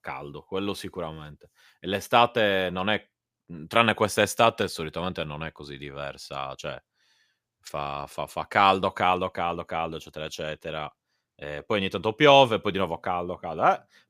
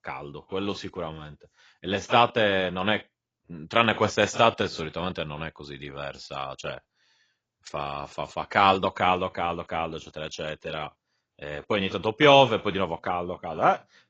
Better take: first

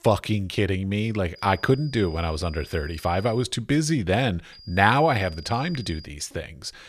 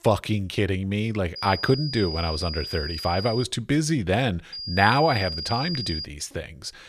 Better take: first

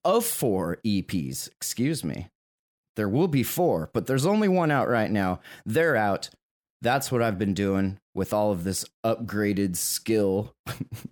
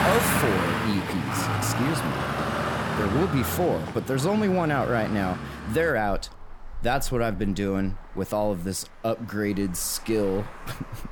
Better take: first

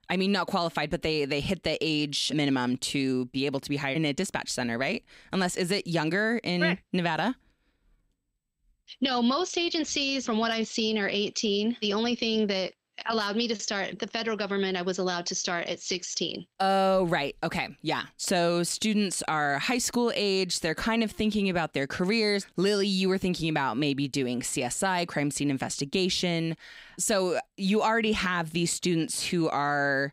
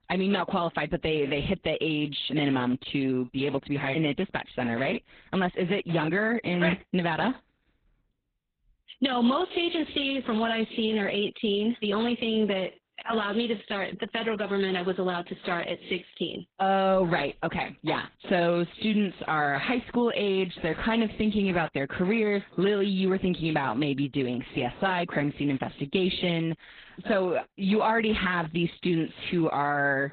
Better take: first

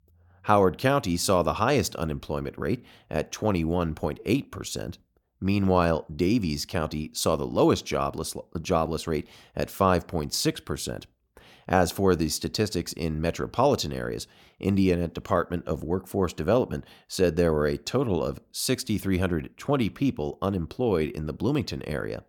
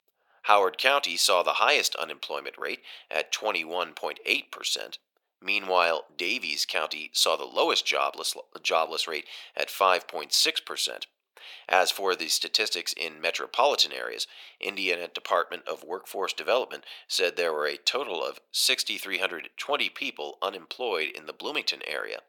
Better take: first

